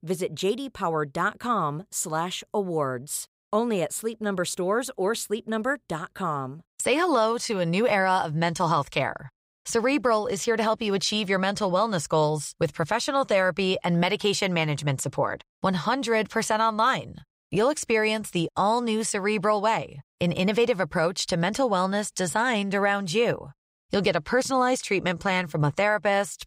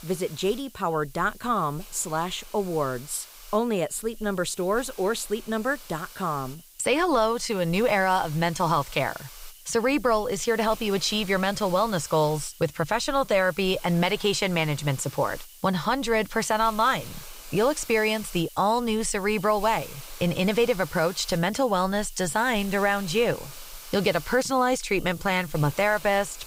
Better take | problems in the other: first | hiss; noticeable; throughout; 20 dB below the speech

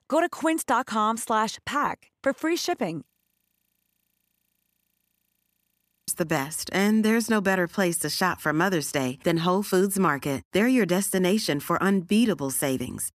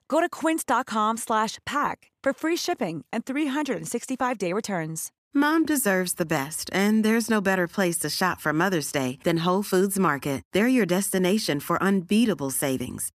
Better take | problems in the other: second | audio freezing; at 3 s for 3 s

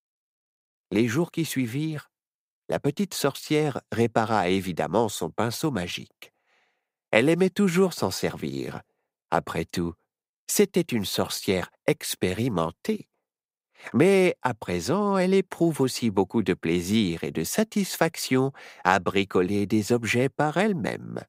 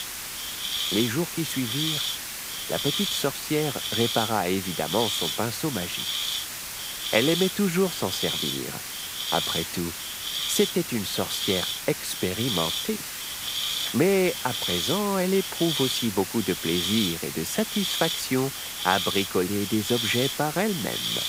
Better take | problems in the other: first | hiss; loud; throughout; 1 dB below the speech

